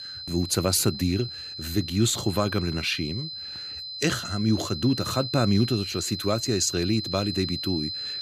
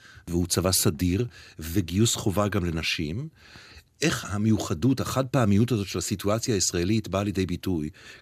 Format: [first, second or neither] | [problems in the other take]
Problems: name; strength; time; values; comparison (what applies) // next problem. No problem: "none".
second | high-pitched whine; loud; throughout; 4 kHz, 7 dB below the speech